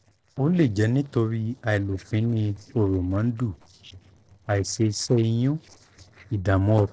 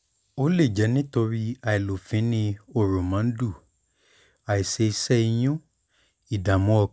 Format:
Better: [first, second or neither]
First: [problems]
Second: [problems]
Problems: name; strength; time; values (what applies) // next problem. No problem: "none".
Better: second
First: noise reduction (neural separator model SepFormer DNS4)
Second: none